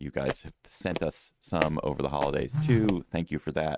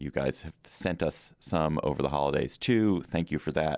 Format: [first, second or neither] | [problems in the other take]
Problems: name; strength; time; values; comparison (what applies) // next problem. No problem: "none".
second | noise reduction (neural mask model RNNoise)